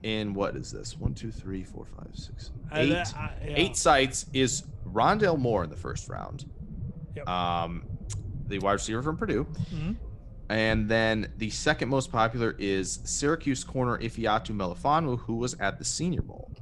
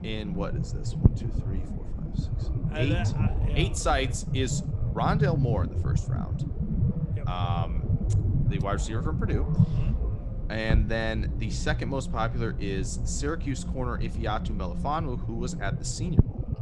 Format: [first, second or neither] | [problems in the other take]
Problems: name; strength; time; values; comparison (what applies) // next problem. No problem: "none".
first | low rumble; loud; throughout; 8 dB below the speech; faint in the first